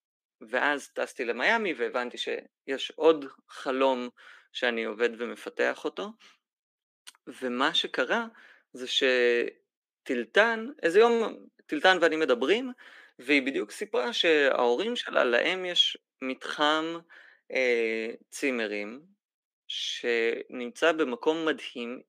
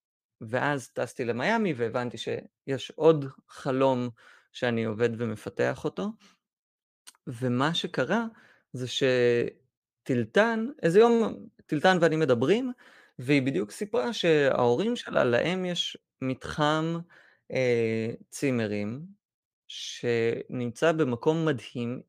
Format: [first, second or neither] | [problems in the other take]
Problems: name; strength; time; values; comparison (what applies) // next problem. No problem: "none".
second | thin; very slightly; fading below 250 Hz